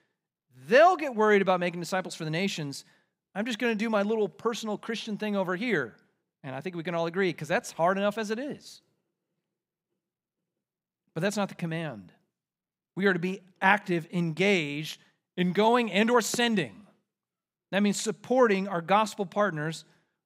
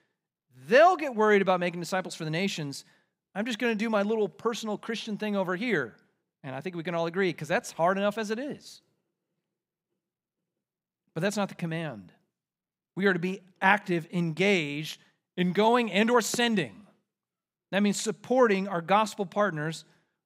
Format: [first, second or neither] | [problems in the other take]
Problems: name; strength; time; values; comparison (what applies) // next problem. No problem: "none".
neither | none